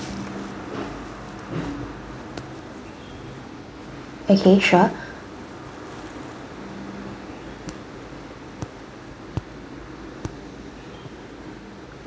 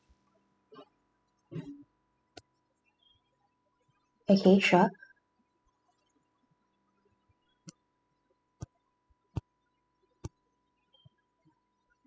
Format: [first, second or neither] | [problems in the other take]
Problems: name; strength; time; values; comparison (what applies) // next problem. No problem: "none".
first | noise reduction (classical method spectral subtraction)